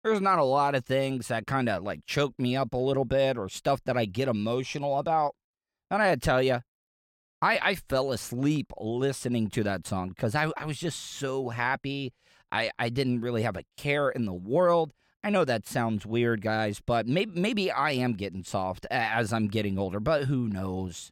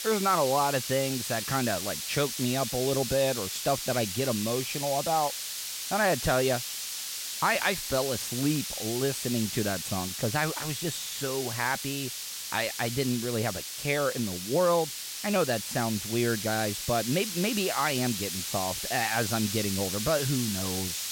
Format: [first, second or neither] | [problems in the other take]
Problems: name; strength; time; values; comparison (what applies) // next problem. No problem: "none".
first | hiss; loud; throughout; 3 dB below the speech